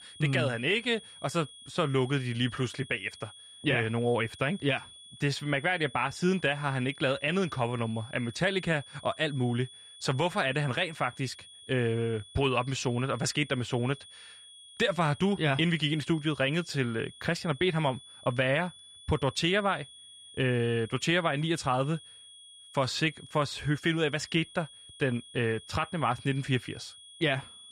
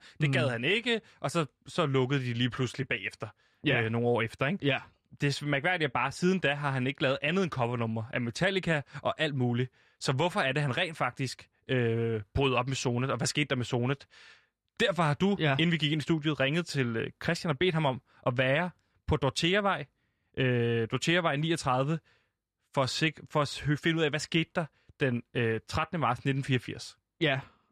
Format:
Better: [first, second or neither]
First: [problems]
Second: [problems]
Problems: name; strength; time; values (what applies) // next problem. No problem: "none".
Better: second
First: high-pitched whine; noticeable; throughout; 3.5 kHz, 20 dB below the speech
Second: none